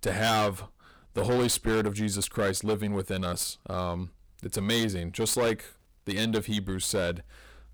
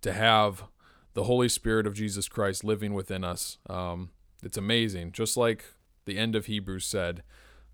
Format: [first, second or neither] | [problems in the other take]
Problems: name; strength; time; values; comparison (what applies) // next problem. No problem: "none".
second | distortion; heavy; 10% of the sound clipped